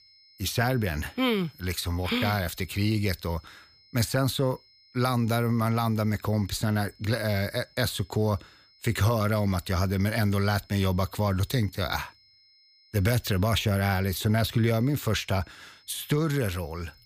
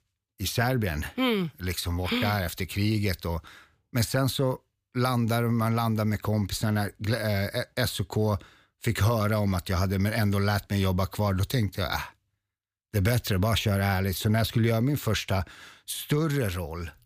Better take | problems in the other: second | high-pitched whine; faint; throughout; 5 kHz, 30 dB below the speech

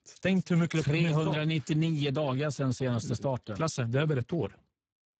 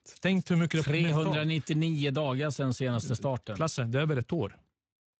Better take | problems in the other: second | garbled, watery; badly; nothing above 8 kHz; slightly in the second

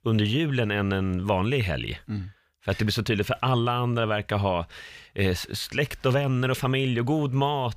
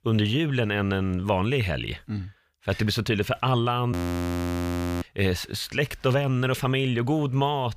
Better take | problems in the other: first | audio freezing; at 4 s for 1 s

